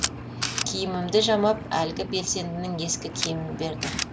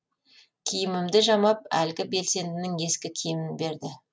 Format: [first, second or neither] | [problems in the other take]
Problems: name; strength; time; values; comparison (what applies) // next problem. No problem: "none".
second | background sound (Engine + Camera); 6 dB below the speech